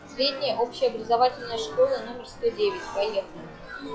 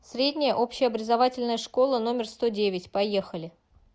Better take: second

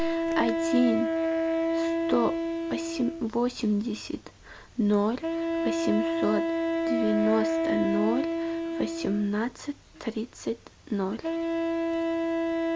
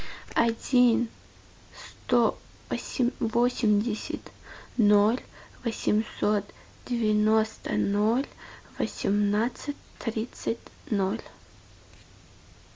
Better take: second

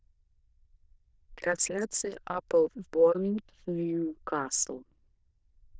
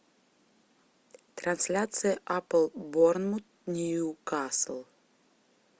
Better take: second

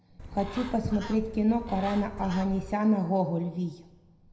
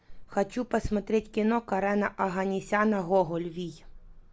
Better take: second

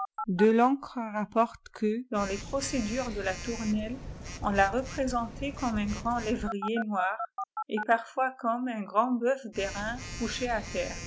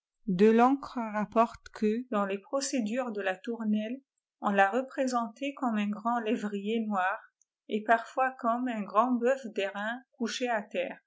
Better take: second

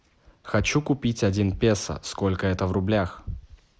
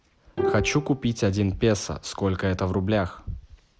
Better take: first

